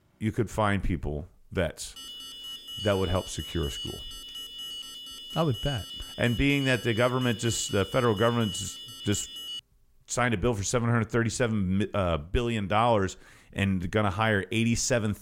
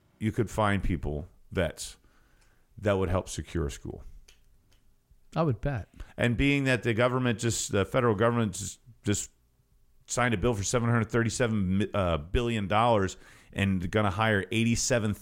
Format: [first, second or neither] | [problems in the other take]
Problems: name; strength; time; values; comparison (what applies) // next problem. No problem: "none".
second | alarm; noticeable; from 2 to 9.5 s; peak 8 dB below the speech